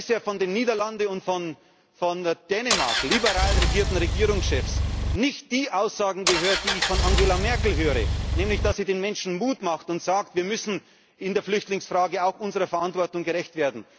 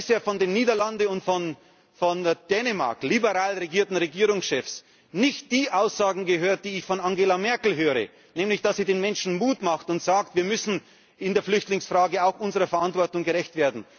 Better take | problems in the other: second | background sound (Engine); 2 dB above the speech

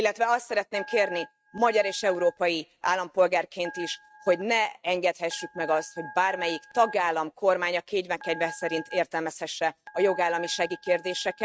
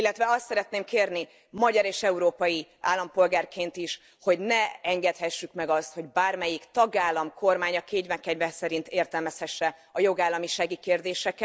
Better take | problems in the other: second | noise reduction (neural mask model RNNoise)

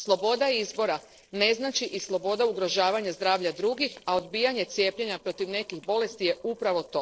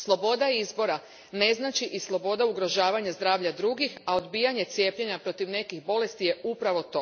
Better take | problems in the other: second | noise reduction (neural separator model SepFormer DNS4)

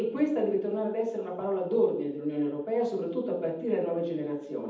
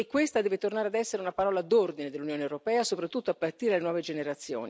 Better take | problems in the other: second | room echo; dies away in 0.8 s

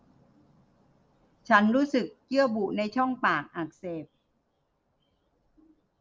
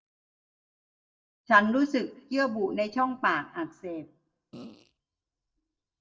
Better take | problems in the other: first | noise reduction (neural mask model DeepFilterNet 3)

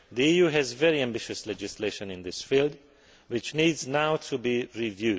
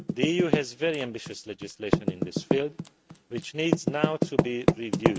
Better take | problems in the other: first | noise reduction (neural mask model RNNoise)

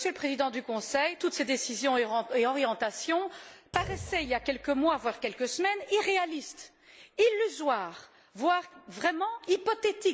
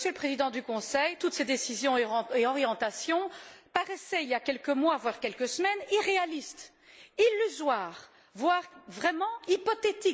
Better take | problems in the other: second | background sound (Thump, thud); 15 dB below the speech

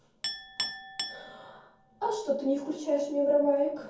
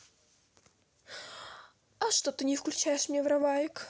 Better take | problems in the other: second | background sound (Chink, clink); 12 dB below the speech // room echo; dies away in 0.6 s

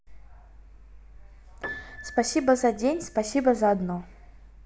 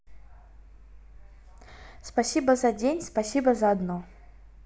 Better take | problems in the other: second | background sound (Piano); 17 dB below the speech

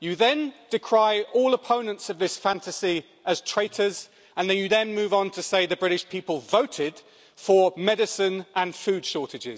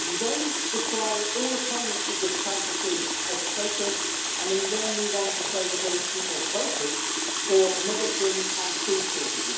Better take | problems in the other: first | background sound (Water tap, faucet); 2 dB above the speech // room echo; dies away in 2.4 s

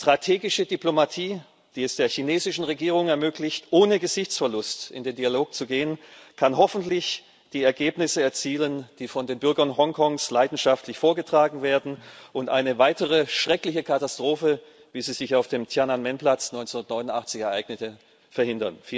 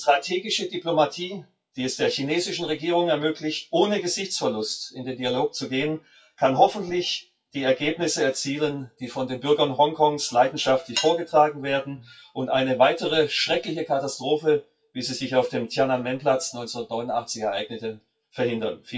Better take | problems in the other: first | noise reduction (classical method WPE with log-MMSE)

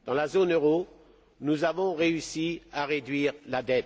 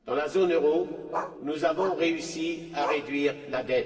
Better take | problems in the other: first | noise reduction (neural separator model SepFormer DNS4)

